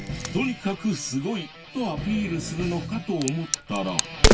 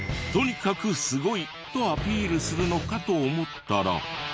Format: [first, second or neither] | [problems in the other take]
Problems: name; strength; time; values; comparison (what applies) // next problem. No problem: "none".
second | background sound (Crack); as loud as the speech // room echo; dies away in 0.2 s